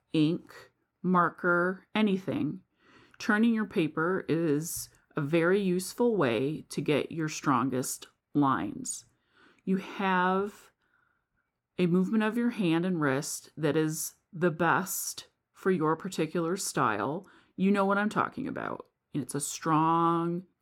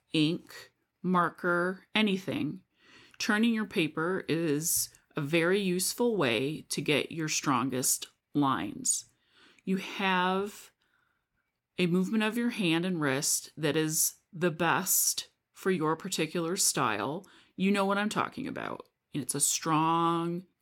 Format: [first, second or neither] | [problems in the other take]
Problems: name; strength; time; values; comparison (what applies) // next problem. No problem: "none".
second | muffled; slightly; fading above 1.5 kHz